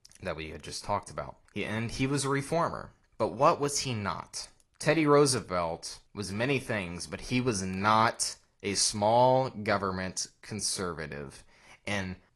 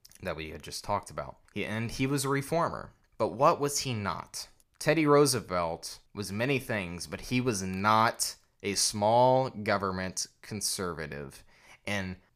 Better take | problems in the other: second | garbled, watery; slightly

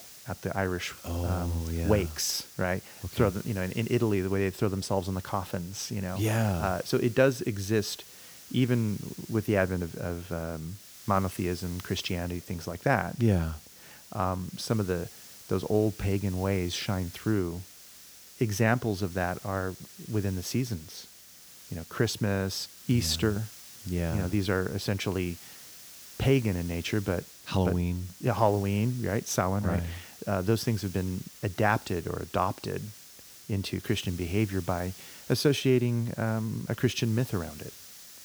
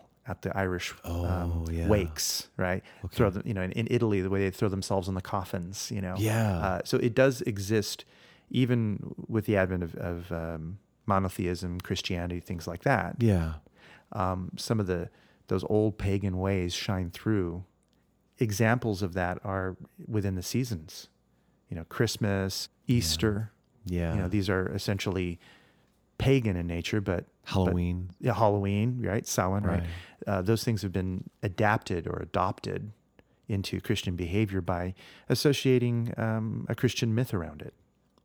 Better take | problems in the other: second | hiss; noticeable; throughout; 15 dB below the speech

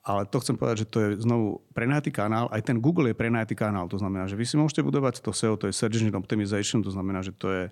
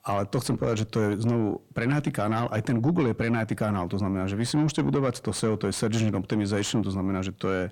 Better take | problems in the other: first | distortion; slight; 10 dB below the speech

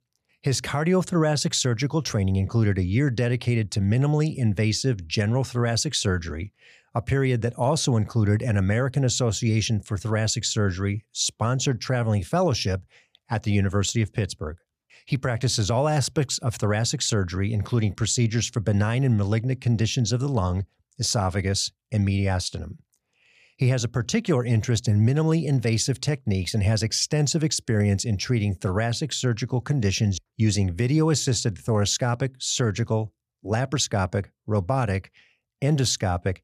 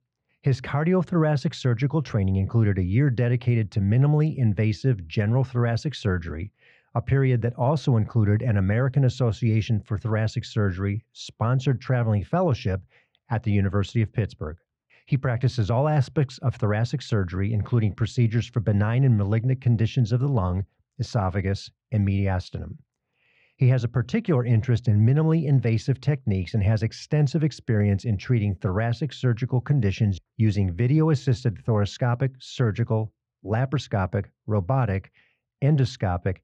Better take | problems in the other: first | muffled; slightly; fading above 2.5 kHz

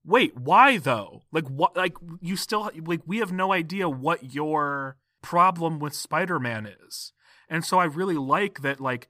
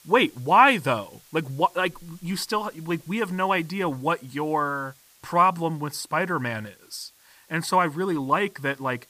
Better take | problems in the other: first | hiss; faint; throughout; 30 dB below the speech

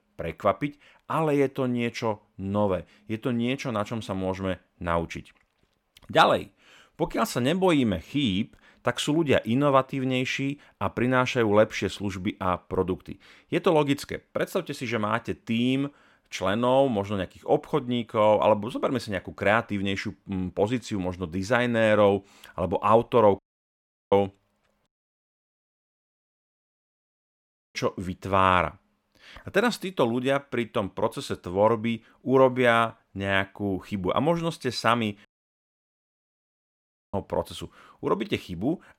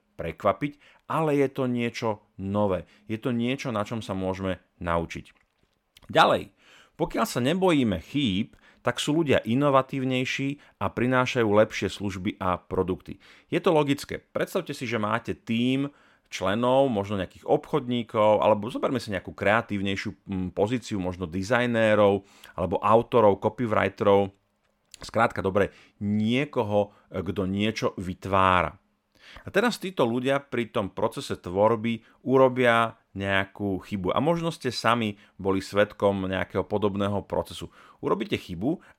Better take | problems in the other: second | audio cutting out; at 23 s for 0.5 s, at 25 s for 3 s and at 35 s for 2 s

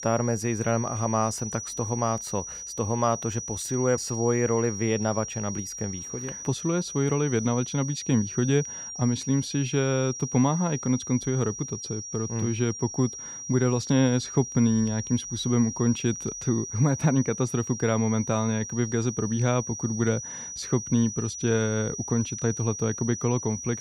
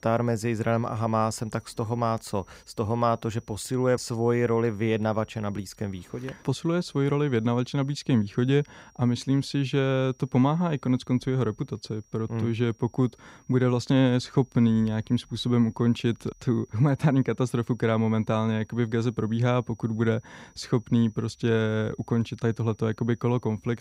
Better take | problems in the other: second | high-pitched whine; loud; throughout; 6 kHz, 8 dB below the speech; faint in the second

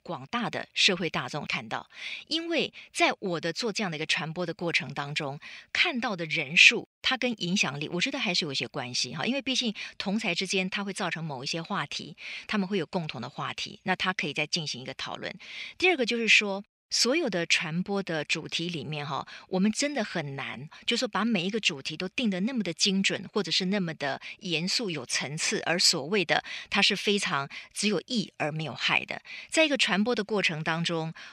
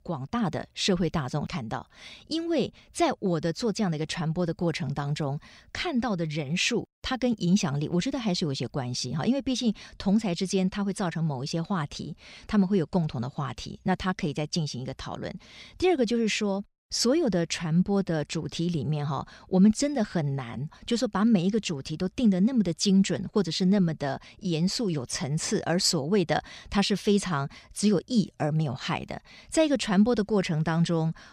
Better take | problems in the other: second | thin; very slightly; fading below 300 Hz

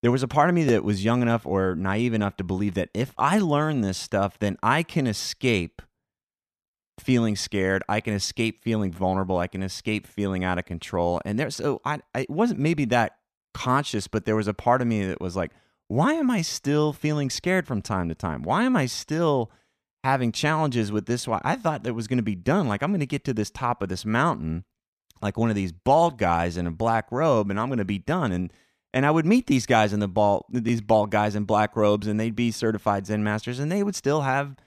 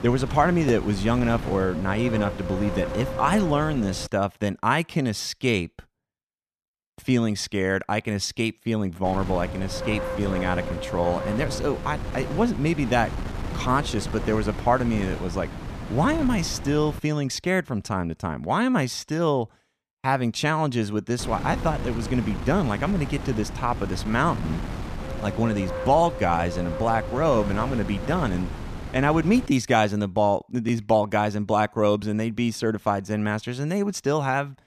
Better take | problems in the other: first | wind noise on the microphone; heavy; until 4 s, from 9 to 17 s and from 21 to 29 s; 10 dB below the speech

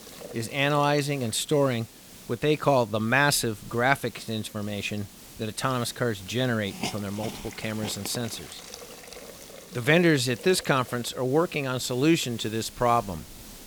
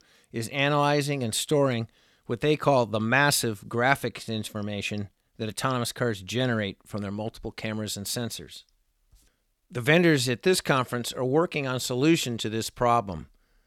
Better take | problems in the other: second | hiss; noticeable; throughout; 15 dB below the speech

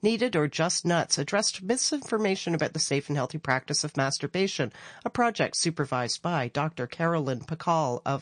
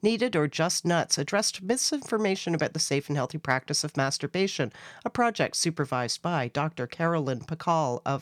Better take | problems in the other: second | garbled, watery; slightly; nothing above 9.5 kHz

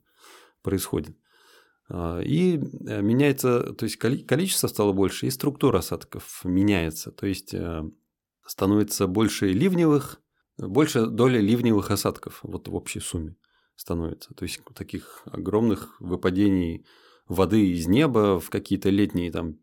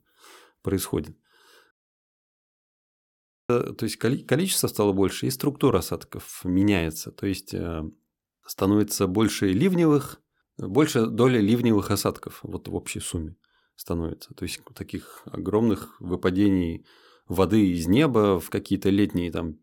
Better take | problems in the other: first | audio cutting out; at 1.5 s for 2 s

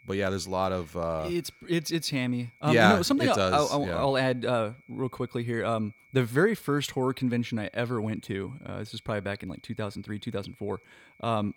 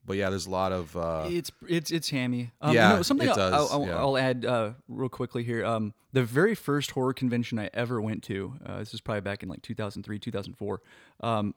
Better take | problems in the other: second | high-pitched whine; faint; throughout; 2 kHz, 30 dB below the speech

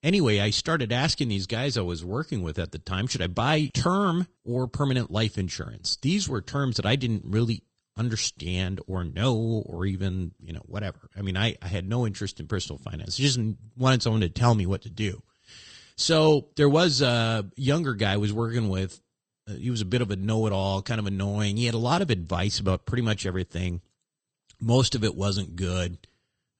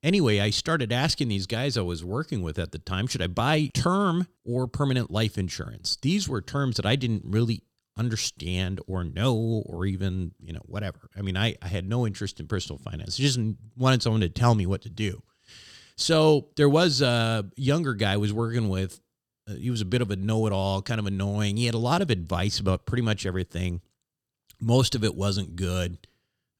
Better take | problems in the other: second | garbled, watery; slightly; nothing above 8.5 kHz

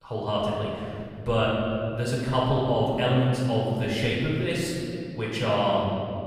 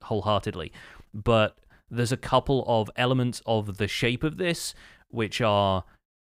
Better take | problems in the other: second | off-mic speech; far // room echo; strong; dies away in 2.3 s

